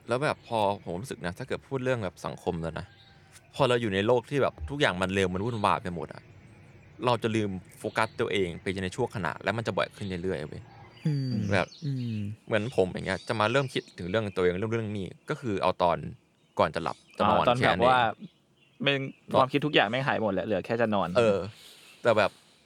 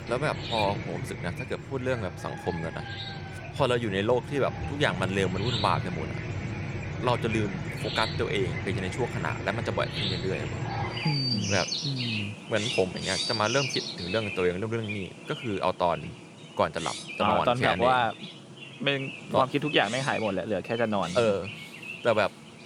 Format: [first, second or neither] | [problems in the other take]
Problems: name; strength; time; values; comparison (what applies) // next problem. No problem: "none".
first | animal sounds; loud; throughout; 5 dB below the speech; faint in the first